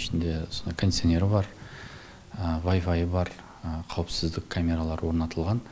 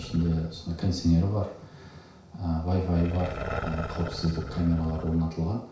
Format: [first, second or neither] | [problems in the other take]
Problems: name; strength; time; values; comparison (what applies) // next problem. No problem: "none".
first | background sound (Growling); 11 dB below the speech // room echo; dies away in 0.6 s